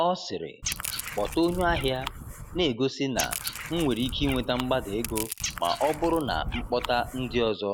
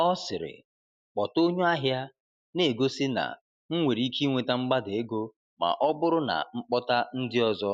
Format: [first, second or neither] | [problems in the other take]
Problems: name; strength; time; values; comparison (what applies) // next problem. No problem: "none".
second | background sound (Crushing + Frog); 7 dB below the speech